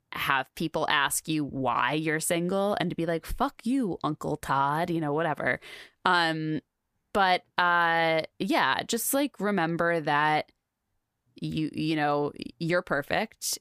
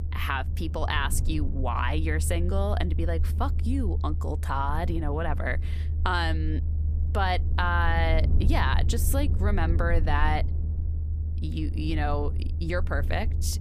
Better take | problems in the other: first | low rumble; noticeable; throughout; 15 dB below the speech

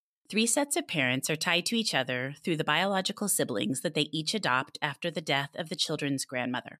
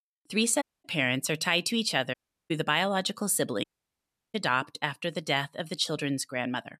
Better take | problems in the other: first | audio cutting out; at 0.5 s, at 2 s and at 3.5 s for 0.5 s

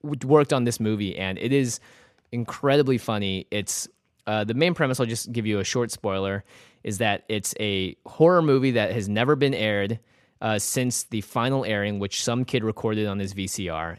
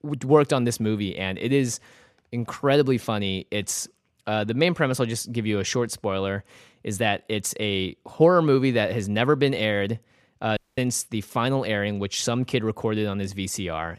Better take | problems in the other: first | audio cutting out; at 11 s

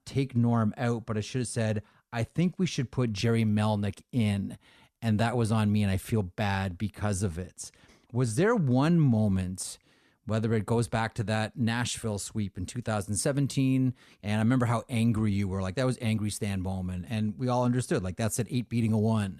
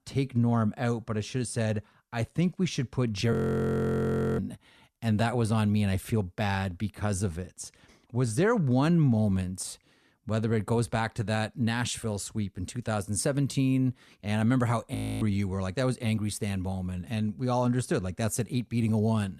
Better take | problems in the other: first | audio freezing; at 3.5 s for 1 s and at 15 s

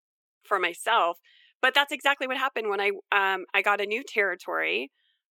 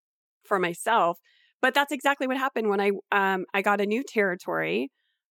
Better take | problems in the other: second | thin; somewhat; fading below 350 Hz

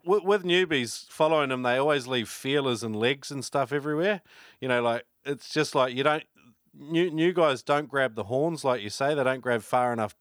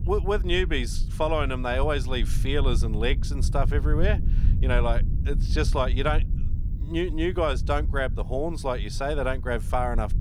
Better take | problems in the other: first | low rumble; noticeable; throughout; 15 dB below the speech

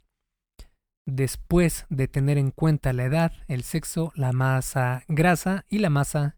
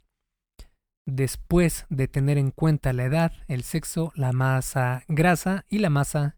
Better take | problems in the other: neither | none

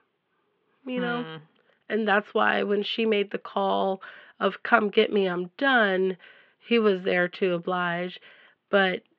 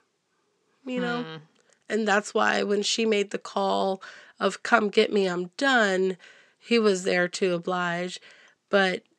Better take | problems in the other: second | muffled; very; fading above 3 kHz

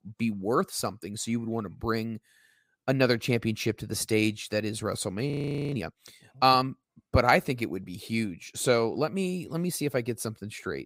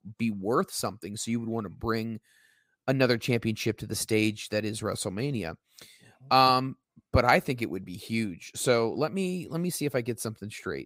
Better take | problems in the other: second | audio freezing; at 5.5 s

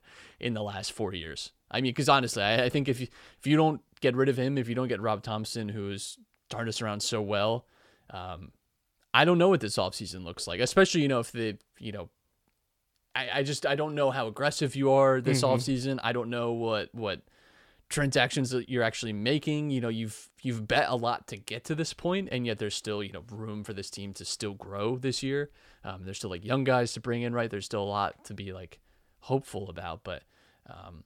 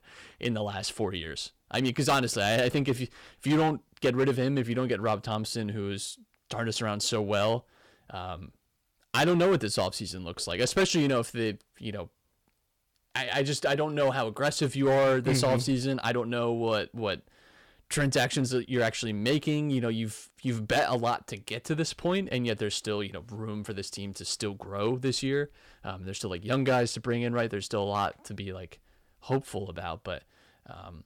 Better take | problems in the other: first | distortion; slight; 3% of the sound clipped

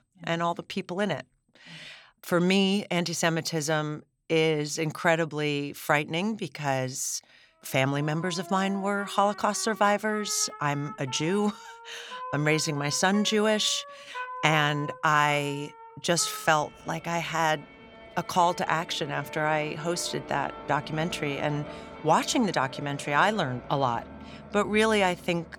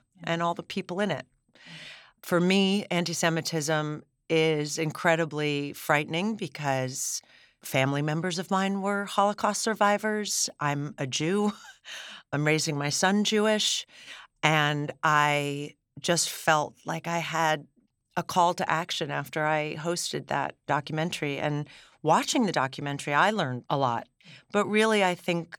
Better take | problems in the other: second | background music; noticeable; from 8 s on; 15 dB below the speech

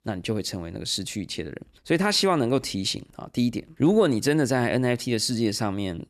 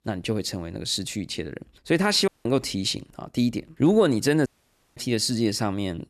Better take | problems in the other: first | audio cutting out; at 2.5 s and at 4.5 s for 0.5 s

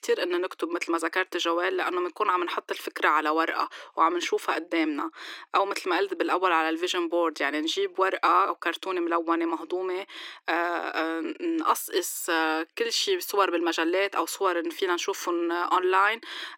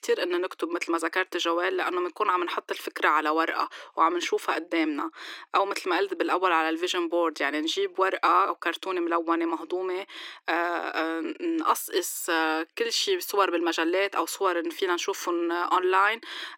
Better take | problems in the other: neither | thin; very; fading below 300 Hz; the same in both

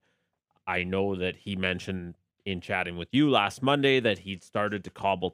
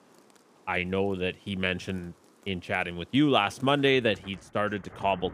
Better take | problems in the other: first | rain or running water; faint; throughout; 25 dB below the speech

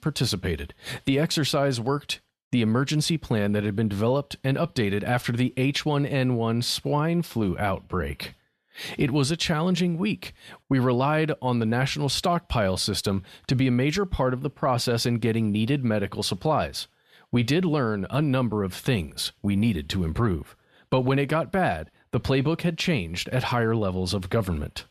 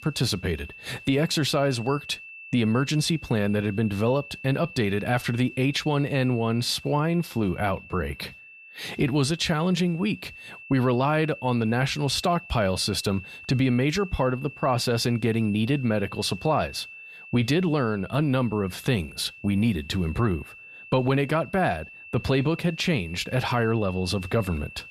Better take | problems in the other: first | high-pitched whine; noticeable; throughout; 2.5 kHz, 15 dB below the speech

